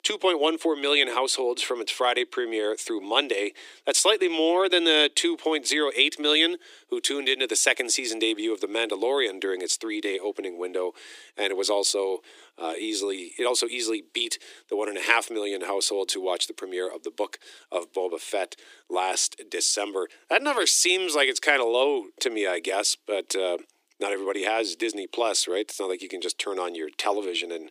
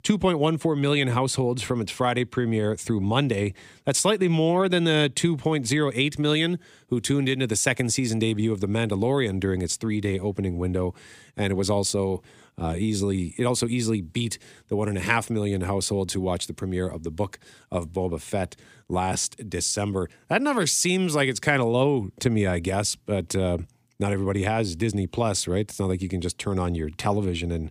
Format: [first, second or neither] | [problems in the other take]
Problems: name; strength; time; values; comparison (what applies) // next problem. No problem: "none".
second | thin; very; fading below 300 Hz